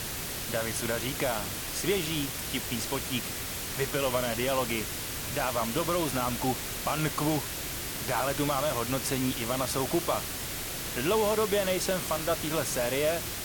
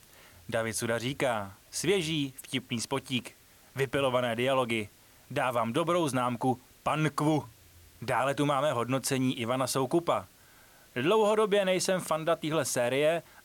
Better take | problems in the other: second | hiss; loud; throughout; 2 dB below the speech; faint in the second

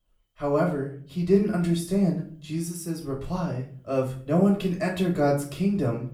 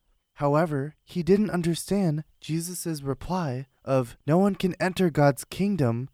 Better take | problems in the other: second | off-mic speech; far // room echo; slight; dies away in 0.4 s

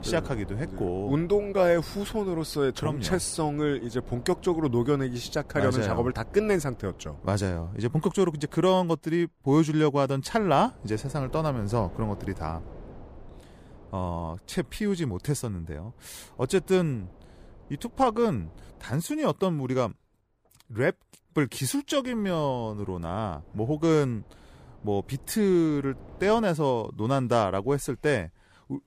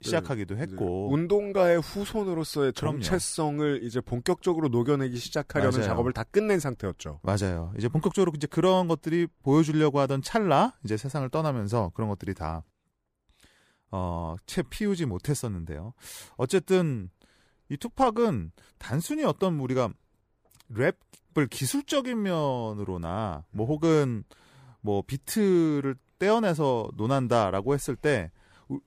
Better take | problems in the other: second | wind noise on the microphone; occasional gusts; until 8.5 s, from 10 to 19 s and from 22 to 26 s; 25 dB below the speech

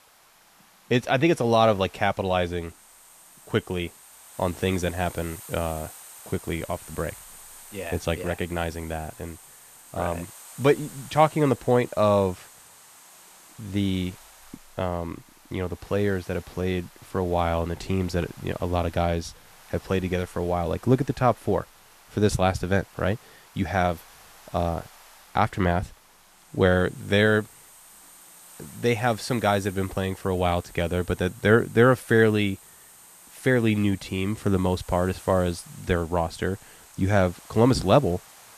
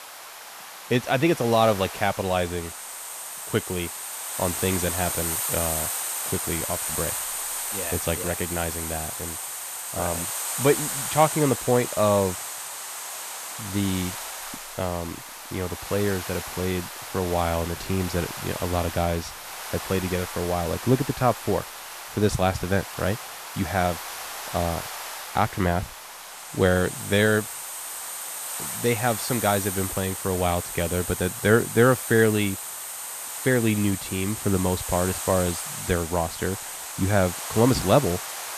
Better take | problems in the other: first | hiss; loud; throughout; 5 dB below the speech; faint in the first

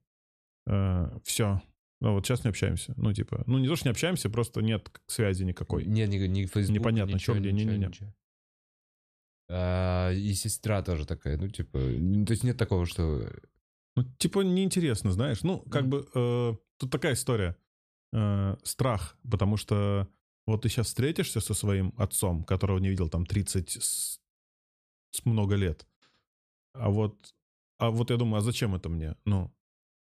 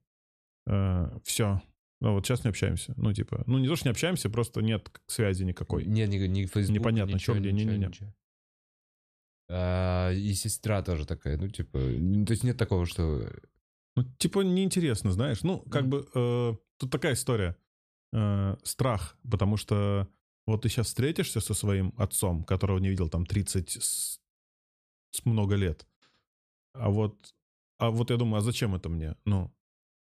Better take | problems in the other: neither | none

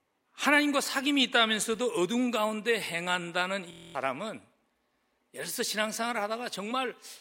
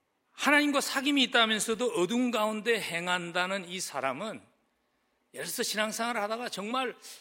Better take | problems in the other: second | audio freezing; at 3.5 s

